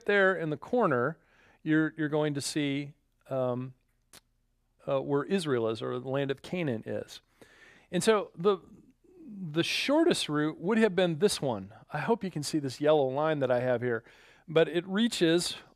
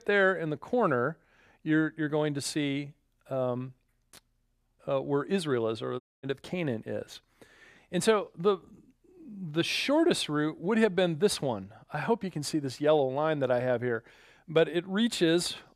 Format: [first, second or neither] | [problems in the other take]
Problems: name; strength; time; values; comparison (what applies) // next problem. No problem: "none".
first | audio cutting out; at 6 s